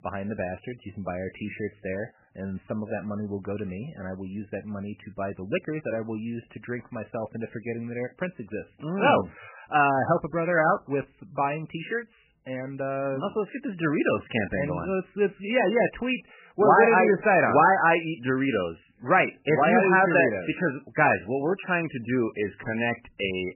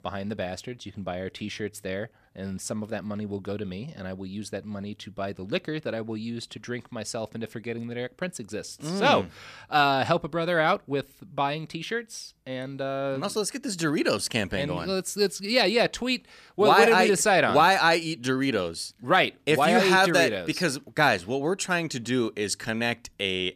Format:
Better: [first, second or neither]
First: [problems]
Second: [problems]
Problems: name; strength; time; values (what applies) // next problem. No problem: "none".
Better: second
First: garbled, watery; badly; nothing above 3 kHz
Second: none